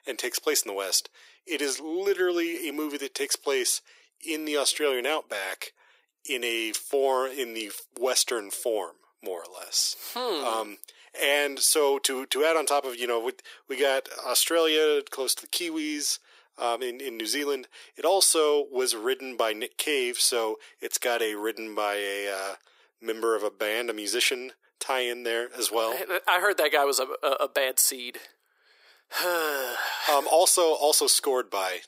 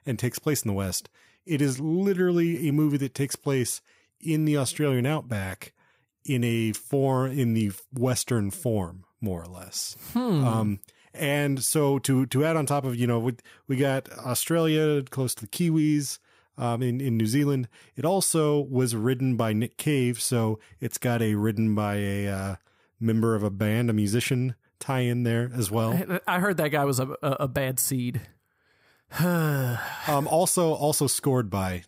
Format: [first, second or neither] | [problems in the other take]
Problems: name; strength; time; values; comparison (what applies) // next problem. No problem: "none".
second | thin; very; fading below 350 Hz